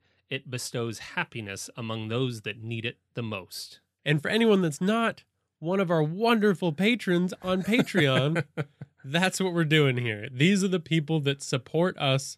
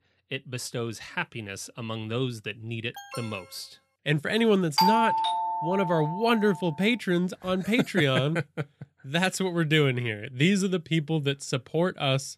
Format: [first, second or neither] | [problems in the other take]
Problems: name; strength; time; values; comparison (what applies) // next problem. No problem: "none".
first | alarm; faint; at 3 s; peak 15 dB below the speech // doorbell; loud; from 5 to 6.5 s; peak 5 dB above the speech